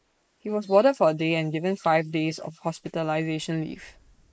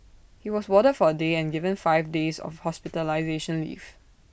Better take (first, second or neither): second